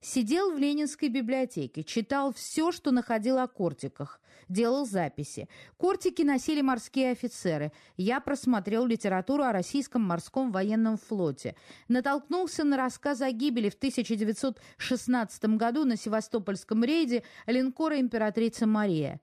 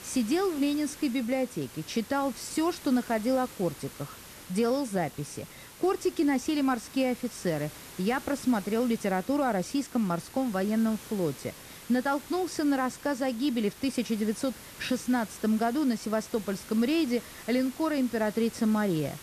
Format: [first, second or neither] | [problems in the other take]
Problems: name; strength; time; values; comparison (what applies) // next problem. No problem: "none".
first | hiss; noticeable; throughout; 15 dB below the speech